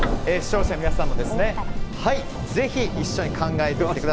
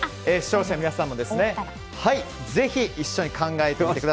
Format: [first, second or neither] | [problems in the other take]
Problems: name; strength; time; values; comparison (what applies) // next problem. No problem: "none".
second | background sound (Thunder); 1 dB above the speech